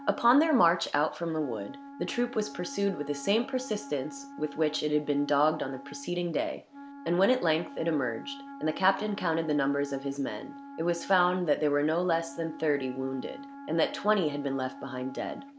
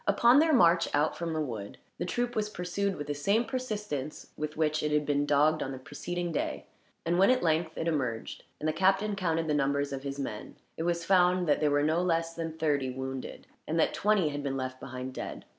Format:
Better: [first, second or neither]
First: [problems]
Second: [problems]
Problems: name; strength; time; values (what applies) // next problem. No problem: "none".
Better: second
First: background sound (Wind instrument, woodwind instrument); 15 dB below the speech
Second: none